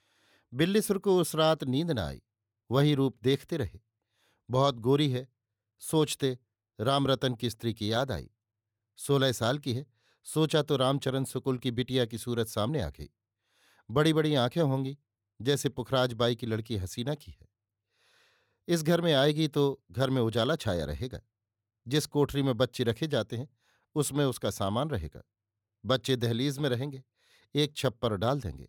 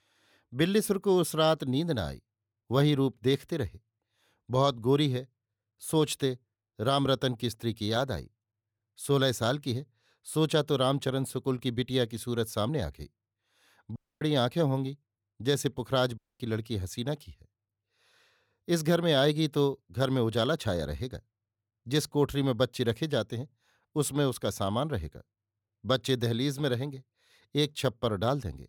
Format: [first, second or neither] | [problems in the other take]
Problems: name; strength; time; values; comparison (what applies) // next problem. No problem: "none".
first | audio cutting out; at 14 s and at 16 s